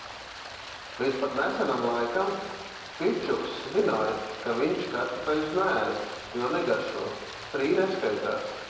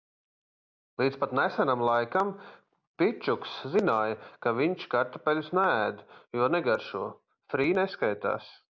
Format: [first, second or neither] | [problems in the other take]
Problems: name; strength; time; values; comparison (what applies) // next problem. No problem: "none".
second | background sound (Stream); 12 dB below the speech // room echo; dies away in 1 s